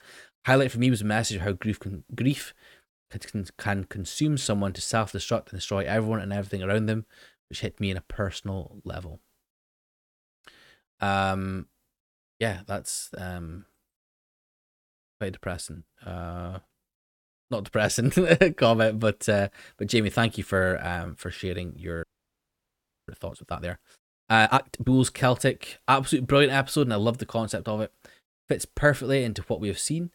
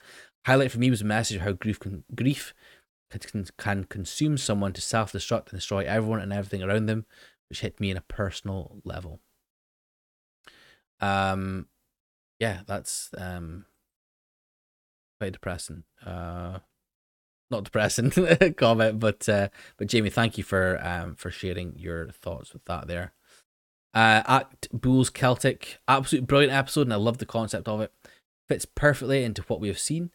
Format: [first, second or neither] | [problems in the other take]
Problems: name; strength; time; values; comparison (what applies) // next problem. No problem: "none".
second | audio freezing; at 22 s for 1 s